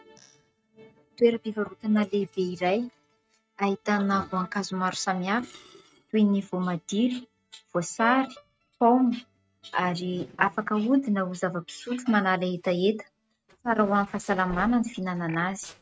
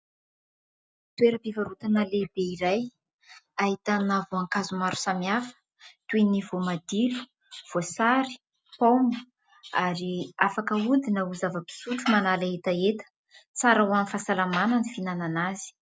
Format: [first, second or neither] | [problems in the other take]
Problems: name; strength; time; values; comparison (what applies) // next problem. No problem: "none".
second | noise reduction (neural mask model RNNoise)